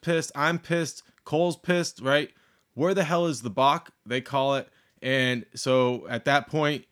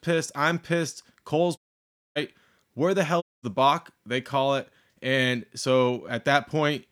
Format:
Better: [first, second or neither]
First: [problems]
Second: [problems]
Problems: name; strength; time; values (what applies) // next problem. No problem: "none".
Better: first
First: none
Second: audio cutting out; at 1.5 s for 0.5 s and at 3 s